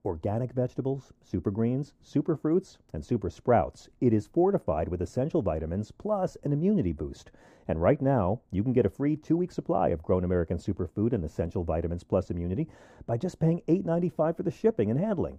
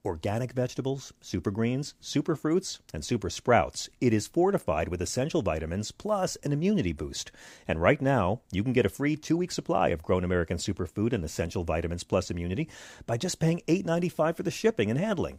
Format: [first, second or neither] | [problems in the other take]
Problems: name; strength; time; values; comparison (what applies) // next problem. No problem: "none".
second | muffled; very; fading above 1.5 kHz